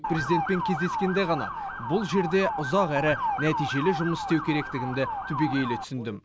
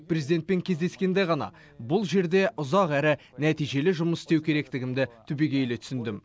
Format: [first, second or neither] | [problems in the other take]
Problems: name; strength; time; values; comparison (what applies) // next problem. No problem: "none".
second | background sound (Motor vehicle (road) / Siren); 4 dB below the speech